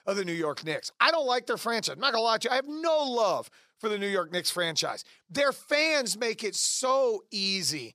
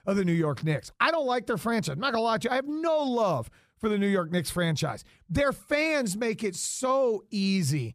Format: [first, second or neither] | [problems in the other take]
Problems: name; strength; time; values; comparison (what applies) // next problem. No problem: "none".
second | thin; somewhat; fading below 400 Hz